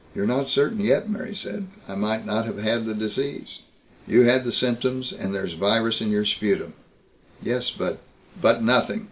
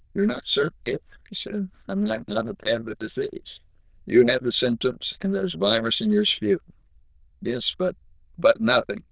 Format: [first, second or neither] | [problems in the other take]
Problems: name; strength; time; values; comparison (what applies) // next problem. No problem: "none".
first | noise reduction (neural diffusion model UNIVERSE++)